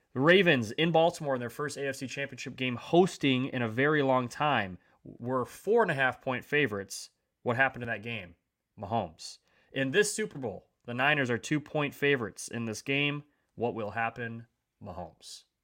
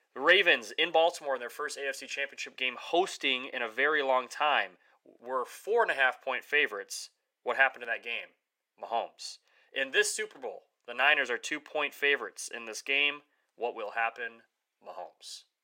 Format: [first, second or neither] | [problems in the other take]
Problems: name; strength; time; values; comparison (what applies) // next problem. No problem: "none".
first | thin; very; fading below 450 Hz